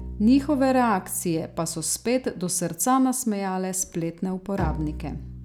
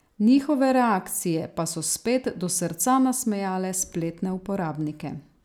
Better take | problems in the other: second | background sound (Bowed string instrument); 13 dB below the speech

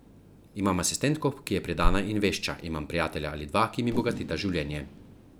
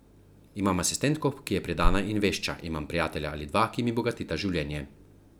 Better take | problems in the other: second | background sound (Fireworks); 16 dB below the speech

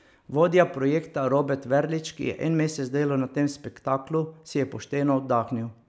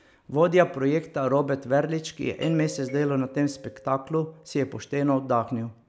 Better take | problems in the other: first | background sound (Doorbell); 17 dB below the speech

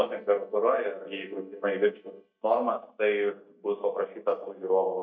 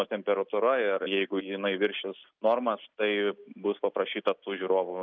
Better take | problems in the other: second | noise reduction (neural mask model DeepFilterNet 3)

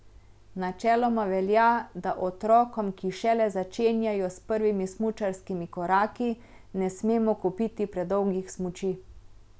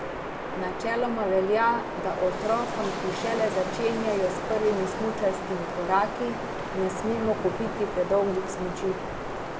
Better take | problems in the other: first | background sound (Wind); 5 dB below the speech // room echo; dies away in 1.3 s

